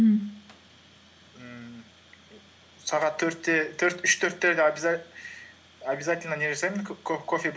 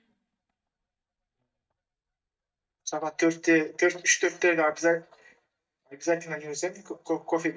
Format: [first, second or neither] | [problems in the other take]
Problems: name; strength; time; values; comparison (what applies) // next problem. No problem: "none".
first | noise reduction (neural mask model DeepFilterNet 3)